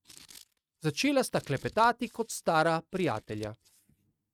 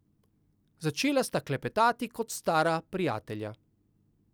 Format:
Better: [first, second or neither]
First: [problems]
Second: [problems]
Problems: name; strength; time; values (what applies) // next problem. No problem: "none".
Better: second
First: noise reduction (neural mask model RNNoise)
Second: none